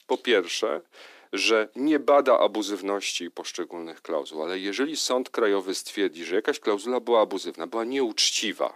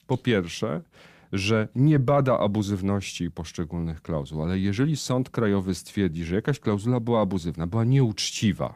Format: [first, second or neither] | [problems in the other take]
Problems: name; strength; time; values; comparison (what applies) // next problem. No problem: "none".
second | thin; somewhat; fading below 300 Hz